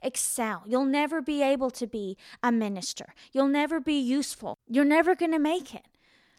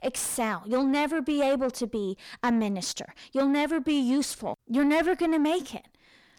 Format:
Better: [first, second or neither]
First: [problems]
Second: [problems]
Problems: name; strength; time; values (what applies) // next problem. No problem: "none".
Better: first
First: none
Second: distortion; slight; 9 dB below the speech